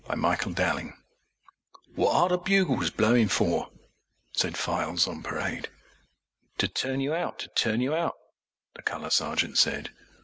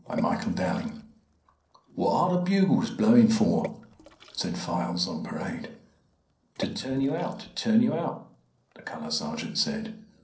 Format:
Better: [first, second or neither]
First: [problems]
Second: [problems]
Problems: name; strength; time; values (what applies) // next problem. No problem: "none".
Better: first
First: none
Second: noise reduction (neural separator model SepFormer DNS4)